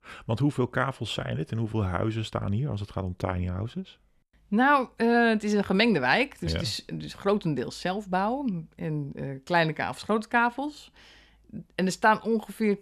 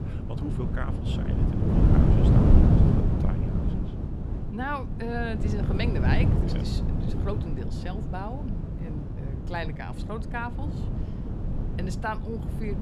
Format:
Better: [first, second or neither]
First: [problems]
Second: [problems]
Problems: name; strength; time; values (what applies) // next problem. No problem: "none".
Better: first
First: none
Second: wind noise on the microphone; heavy; as loud as the speech